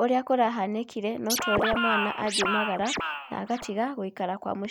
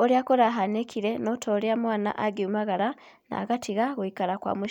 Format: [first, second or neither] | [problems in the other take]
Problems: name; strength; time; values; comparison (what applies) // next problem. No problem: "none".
second | background sound (Scratching (performance technique)); 1 dB below the speech